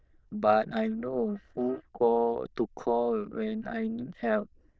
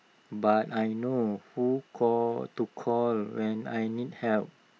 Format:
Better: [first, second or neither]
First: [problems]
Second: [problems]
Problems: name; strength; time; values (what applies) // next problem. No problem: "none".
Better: second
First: noise reduction (neural diffusion model UNIVERSE++)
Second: none